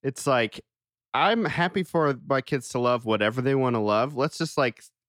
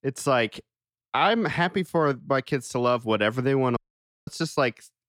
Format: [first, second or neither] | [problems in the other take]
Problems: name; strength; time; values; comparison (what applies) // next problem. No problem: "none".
first | audio cutting out; at 4 s